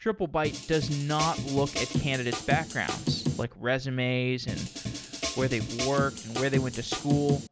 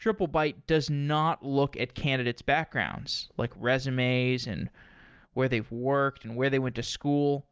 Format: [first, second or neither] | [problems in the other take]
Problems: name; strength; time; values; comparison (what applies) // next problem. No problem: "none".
second | background sound (Drum kit); 3 dB below the speech